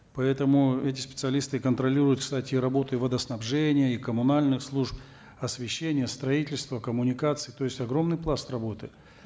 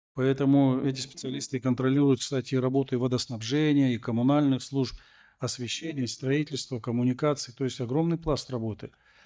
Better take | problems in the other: first | noise reduction (neural mask model DeepFilterNet 3)

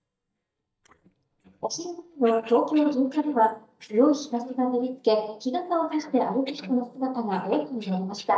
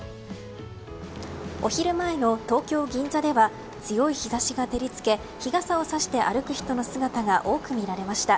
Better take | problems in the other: second | noise reduction (neural mask model DeepFilterNet 3)

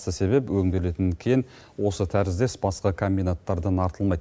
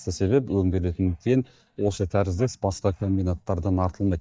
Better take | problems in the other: first | noise reduction (neural mask model DeepFilterNet 3)

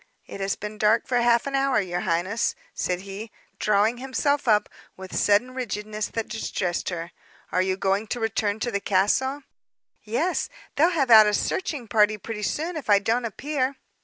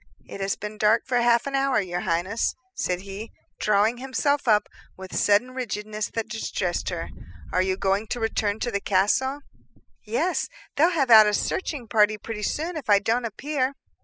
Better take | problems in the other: first | noise reduction (classical method spectral subtraction)

